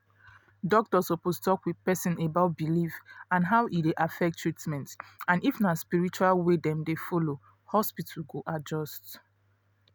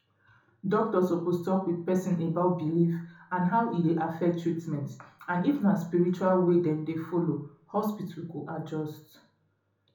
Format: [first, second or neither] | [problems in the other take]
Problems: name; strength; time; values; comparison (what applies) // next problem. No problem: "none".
first | room echo; dies away in 1 s